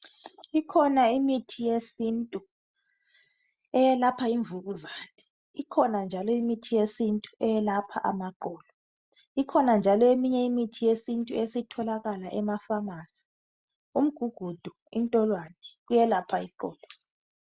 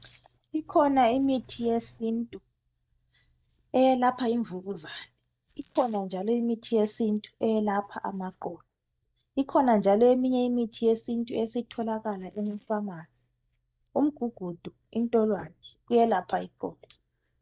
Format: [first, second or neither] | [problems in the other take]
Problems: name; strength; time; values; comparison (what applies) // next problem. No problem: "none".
first | noise reduction (neural mask model DeepFilterNet 3)